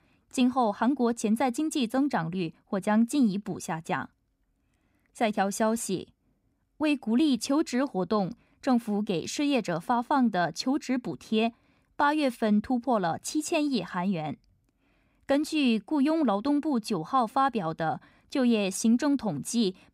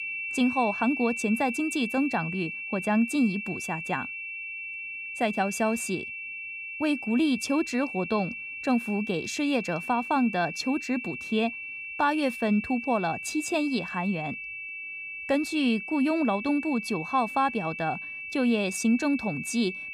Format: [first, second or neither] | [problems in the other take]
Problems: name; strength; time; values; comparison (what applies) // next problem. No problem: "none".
first | high-pitched whine; loud; throughout; 2.5 kHz, 7 dB below the speech